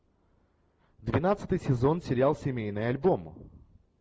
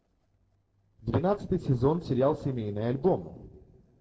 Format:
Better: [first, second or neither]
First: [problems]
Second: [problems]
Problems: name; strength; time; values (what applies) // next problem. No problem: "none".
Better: first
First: none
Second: noise reduction (neural separator model SepFormer DNS4)